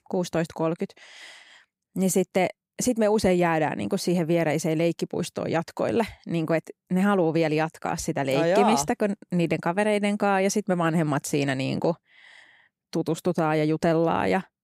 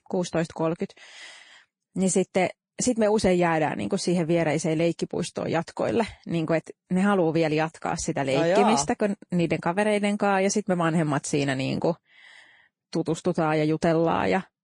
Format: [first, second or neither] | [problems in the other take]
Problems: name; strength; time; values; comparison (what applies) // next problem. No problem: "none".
first | garbled, watery; slightly; nothing above 8.5 kHz